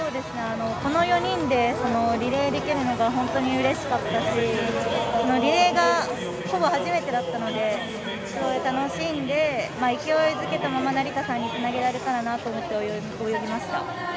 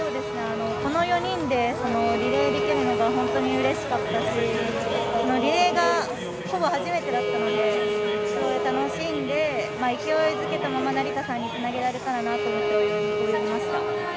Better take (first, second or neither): first